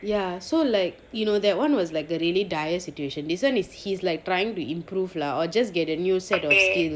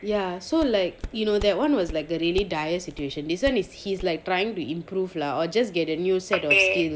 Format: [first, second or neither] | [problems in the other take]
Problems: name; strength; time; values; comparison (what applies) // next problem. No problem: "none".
first | background sound (Walk, footsteps); 15 dB below the speech